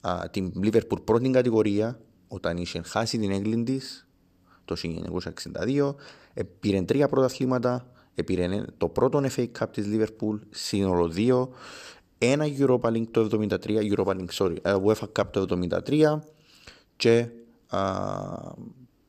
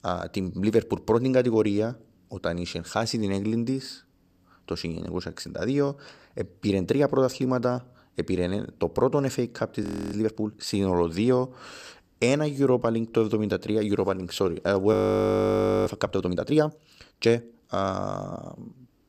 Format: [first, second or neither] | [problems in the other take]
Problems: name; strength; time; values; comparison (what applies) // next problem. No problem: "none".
first | audio freezing; at 10 s and at 15 s for 1 s